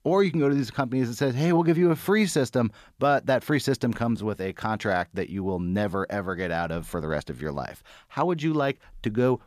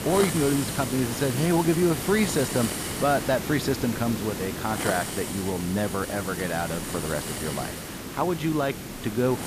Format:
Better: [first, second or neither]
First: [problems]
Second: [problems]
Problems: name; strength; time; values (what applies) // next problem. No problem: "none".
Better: first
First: none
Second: hiss; loud; throughout; 5 dB below the speech